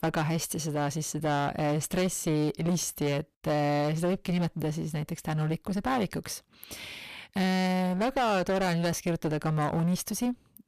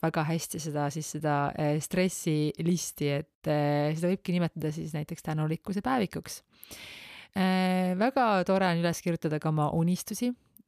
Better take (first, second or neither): second